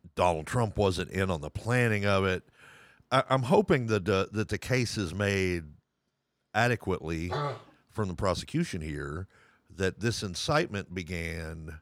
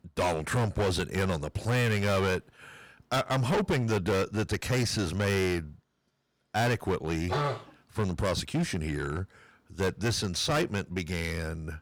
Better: first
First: none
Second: distortion; heavy; 13% of the sound clipped

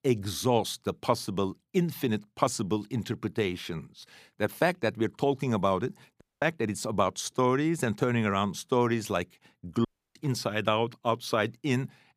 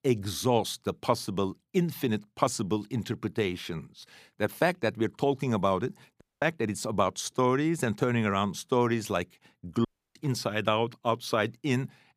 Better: neither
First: audio cutting out; at 6 s and at 10 s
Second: audio cutting out; at 6 s and at 10 s

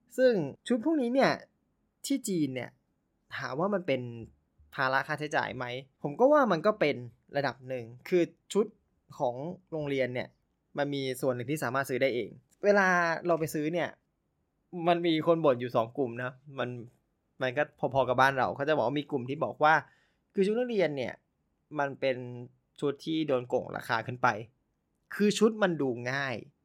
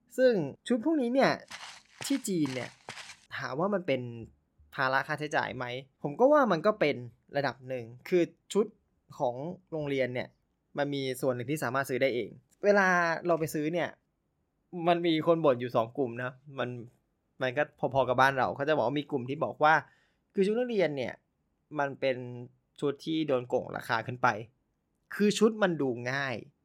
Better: first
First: none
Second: footsteps; faint; from 1.5 to 3 s; peak 15 dB below the speech

